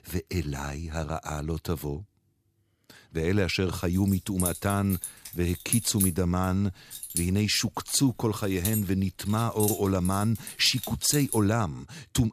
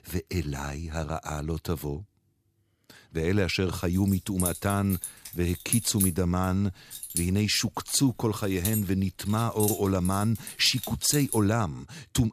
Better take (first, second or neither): neither